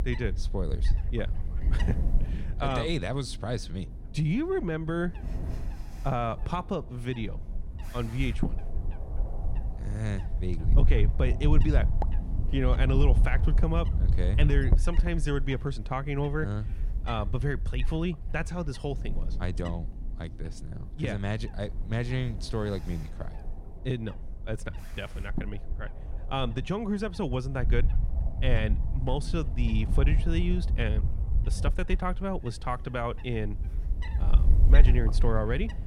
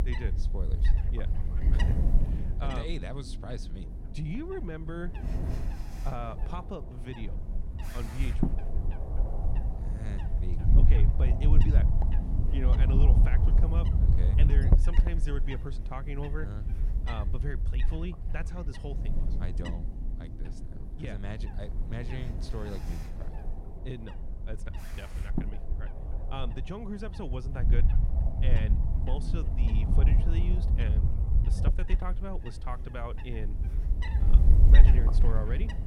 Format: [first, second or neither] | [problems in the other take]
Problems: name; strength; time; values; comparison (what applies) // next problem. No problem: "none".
first | wind noise on the microphone; heavy; 2 dB below the speech; occasional gusts in the first